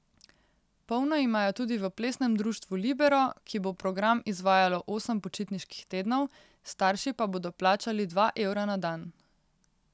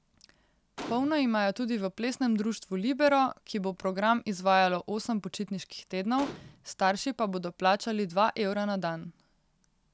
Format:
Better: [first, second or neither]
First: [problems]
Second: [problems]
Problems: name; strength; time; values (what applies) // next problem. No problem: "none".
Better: first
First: none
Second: background sound (Gunshot, gunfire); 15 dB below the speech